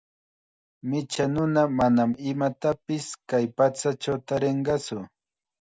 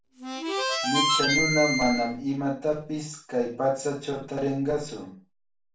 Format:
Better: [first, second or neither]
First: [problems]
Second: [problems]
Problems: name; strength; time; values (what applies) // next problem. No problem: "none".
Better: first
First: none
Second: background sound (Harmonica); 1 dB above the speech // room echo; dies away in 0.4 s